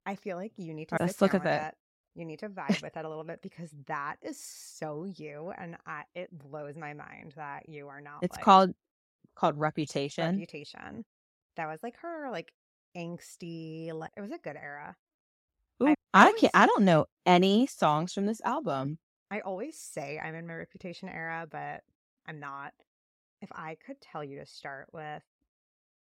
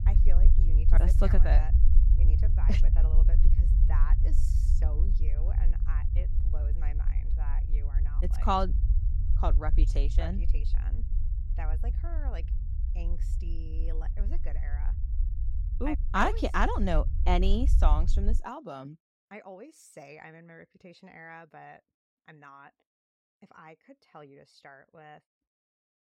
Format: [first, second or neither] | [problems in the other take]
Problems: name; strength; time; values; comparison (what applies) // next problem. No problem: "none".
first | low rumble; noticeable; until 18 s; 15 dB below the speech